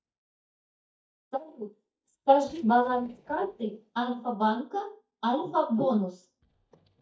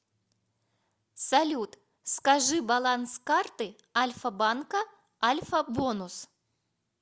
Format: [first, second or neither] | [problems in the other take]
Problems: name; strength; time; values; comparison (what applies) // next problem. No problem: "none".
second | noise reduction (neural mask model DeepFilterNet 3)